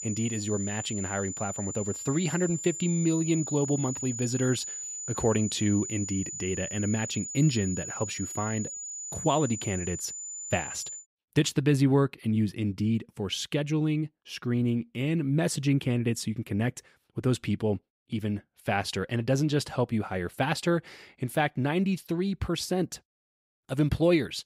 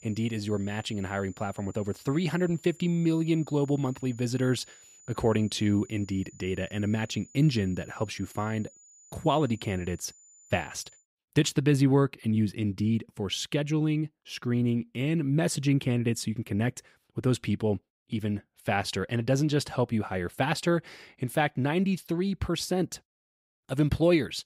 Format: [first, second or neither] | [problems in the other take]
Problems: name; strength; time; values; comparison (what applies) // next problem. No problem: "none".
second | high-pitched whine; loud; until 11 s; 7 kHz, 6 dB below the speech; faint in the second